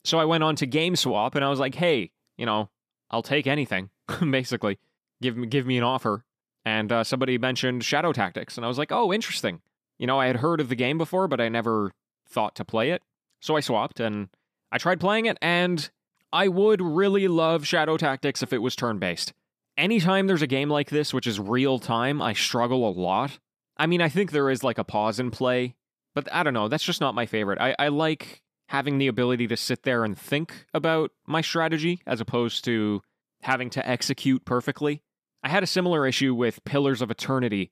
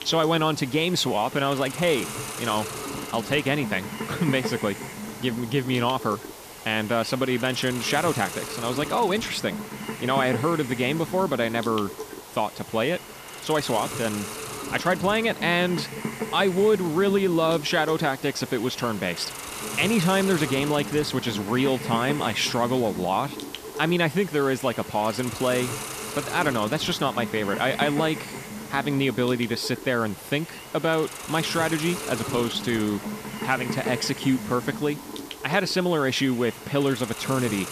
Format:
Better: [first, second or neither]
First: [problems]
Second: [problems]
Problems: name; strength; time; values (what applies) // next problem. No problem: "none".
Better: first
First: none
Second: hiss; loud; throughout; 9 dB below the speech